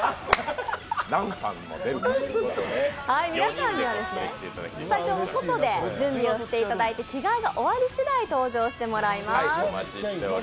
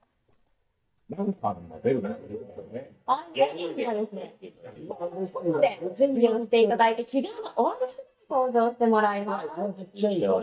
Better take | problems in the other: first | noise reduction (neural mask model DeepFilterNet 3)

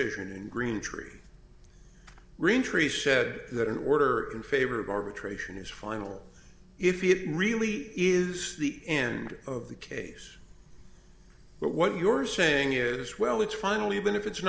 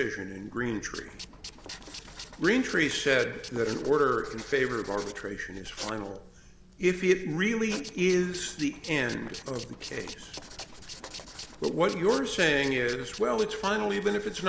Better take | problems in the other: first | background sound (Writing + Tools); 16 dB below the speech

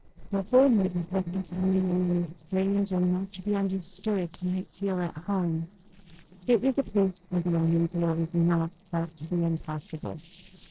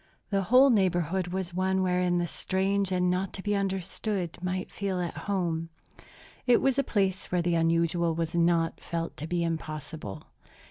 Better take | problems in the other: second | noise reduction (neural separator model SepFormer DNS4)

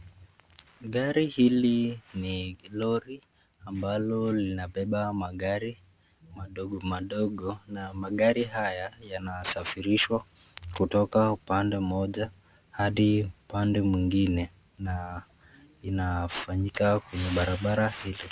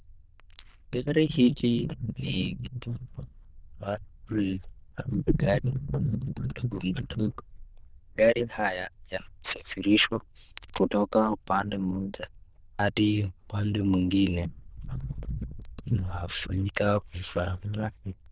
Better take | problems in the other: first | noise reduction (neural diffusion model UNIVERSE++)

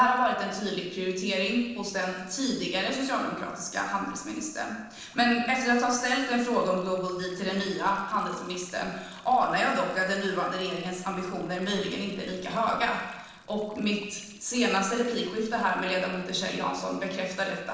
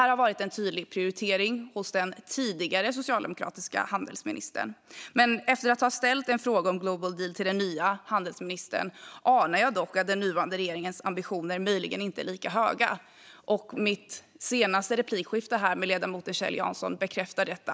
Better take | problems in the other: second | noise reduction (neural separator model SepFormer DNS4)

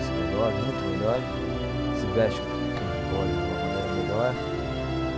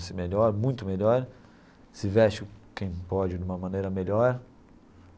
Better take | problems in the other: second | background sound (Musical instrument); 2 dB above the speech

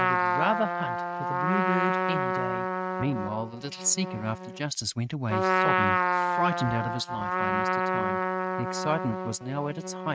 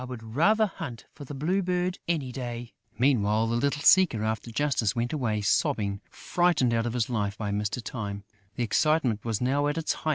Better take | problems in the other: second | noise reduction (neural mask model RNNoise)

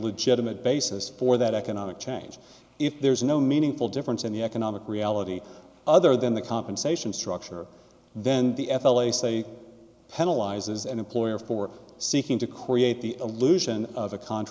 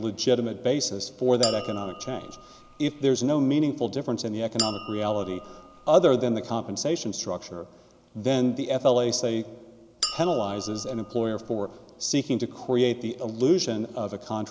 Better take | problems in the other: first | background sound (Chink, clink); 11 dB below the speech

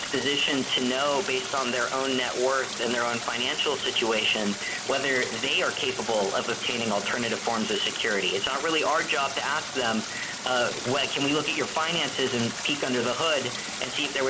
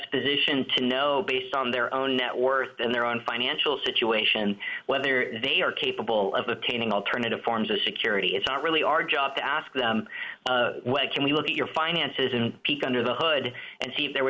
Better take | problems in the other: second | background sound (Stream); 7 dB below the speech

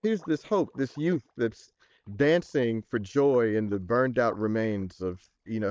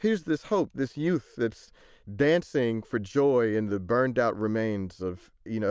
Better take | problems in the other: second | noise reduction (neural mask model DeepFilterNet 3)

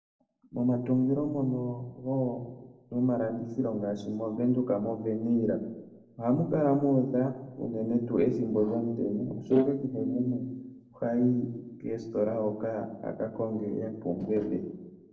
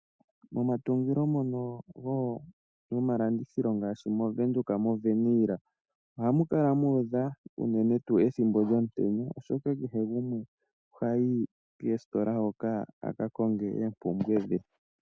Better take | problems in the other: second | noise reduction (neural separator model SepFormer DNS4)

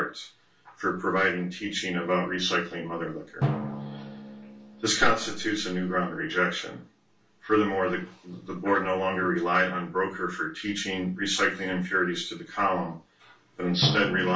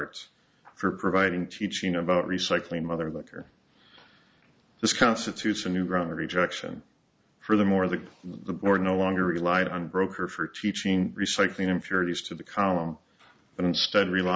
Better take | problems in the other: second | background sound (Drum); 11 dB below the speech // room echo; dies away in 0.2 s

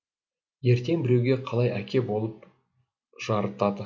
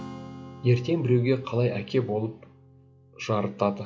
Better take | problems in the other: first | background sound (Strum); 18 dB below the speech

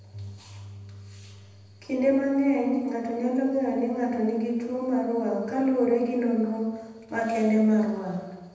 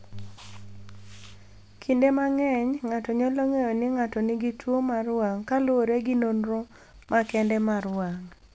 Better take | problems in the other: second | room echo; dies away in 1.1 s

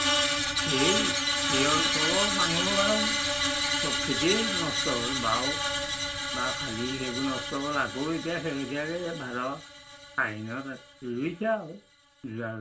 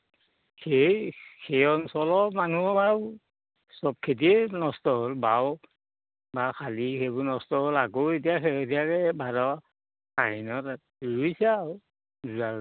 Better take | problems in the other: second | background sound (Screech); 2 dB above the speech // room echo; dies away in 0.2 s

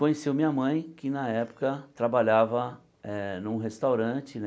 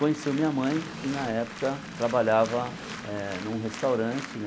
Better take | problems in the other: first | background sound (Applause + Train); 11 dB below the speech

